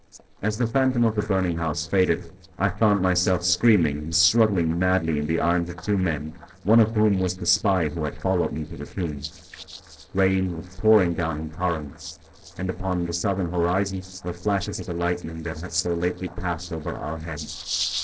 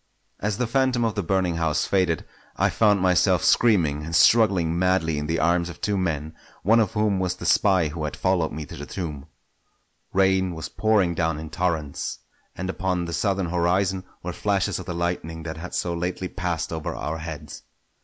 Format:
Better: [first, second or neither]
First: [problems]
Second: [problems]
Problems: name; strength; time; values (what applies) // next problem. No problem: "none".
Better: second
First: noise reduction (neural separator model SepFormer DNS4)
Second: none